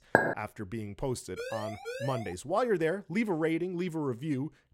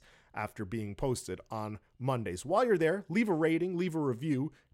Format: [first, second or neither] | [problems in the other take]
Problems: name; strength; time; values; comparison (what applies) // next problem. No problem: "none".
second | clattering dishes; loud; at the start; peak 6 dB above the speech // siren; noticeable; at 1.5 s; peak 5 dB below the speech